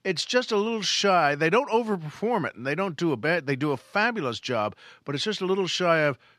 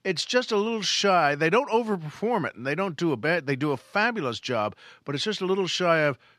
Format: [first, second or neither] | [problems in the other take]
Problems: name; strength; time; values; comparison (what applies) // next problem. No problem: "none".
neither | none